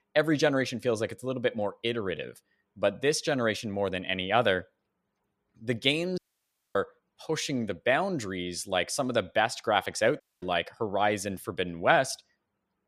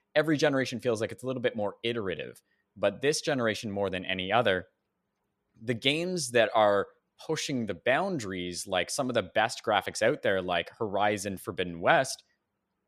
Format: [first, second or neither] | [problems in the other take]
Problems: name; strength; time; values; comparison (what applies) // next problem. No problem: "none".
second | audio cutting out; at 6 s for 0.5 s and at 10 s